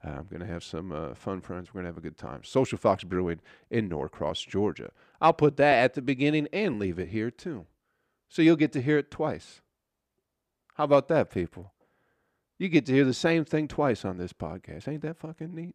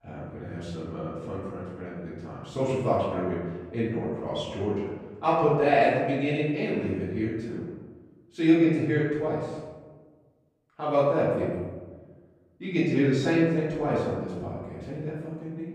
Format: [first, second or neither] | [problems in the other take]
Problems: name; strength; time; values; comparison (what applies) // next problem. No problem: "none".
first | room echo; noticeable; dies away in 1.2 s // off-mic speech; far